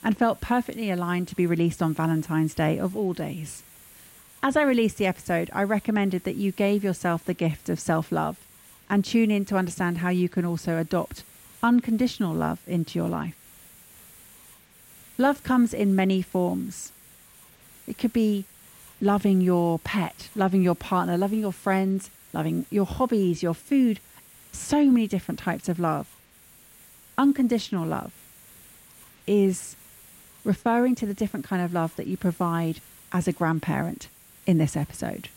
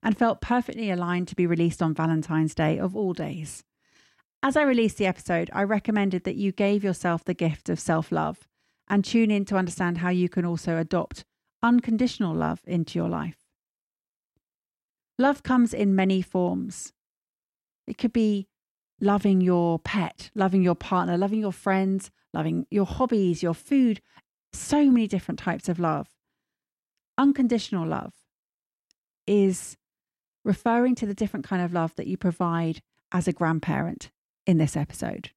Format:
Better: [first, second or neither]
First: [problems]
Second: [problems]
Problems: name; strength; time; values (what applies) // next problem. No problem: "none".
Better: second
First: hiss; faint; throughout; 25 dB below the speech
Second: none